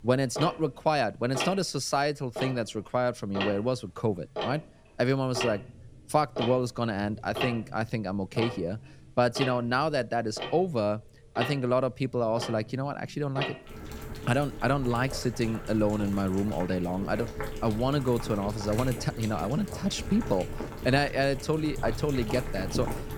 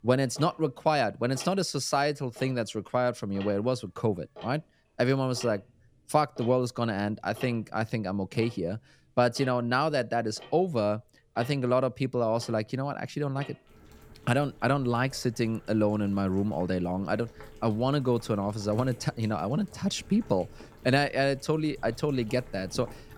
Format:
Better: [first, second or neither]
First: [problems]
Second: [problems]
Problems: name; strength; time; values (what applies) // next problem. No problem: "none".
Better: second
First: household noises; loud; throughout; 8 dB below the speech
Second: household noises; faint; throughout; 20 dB below the speech